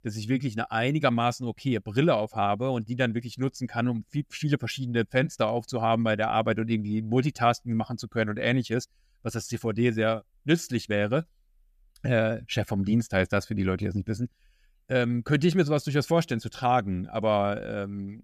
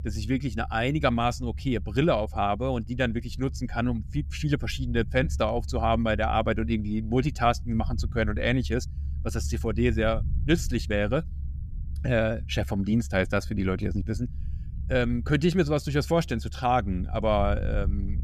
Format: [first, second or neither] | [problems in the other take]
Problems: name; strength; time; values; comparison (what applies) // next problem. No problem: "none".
first | low rumble; faint; throughout; 25 dB below the speech